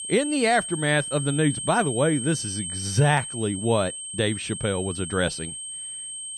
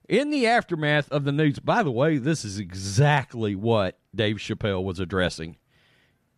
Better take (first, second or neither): second